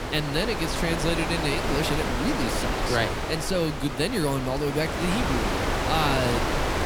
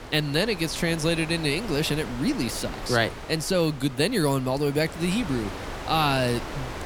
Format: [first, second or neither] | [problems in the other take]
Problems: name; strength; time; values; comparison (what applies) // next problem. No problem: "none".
second | wind noise on the microphone; heavy; as loud as the speech; occasional gusts in the second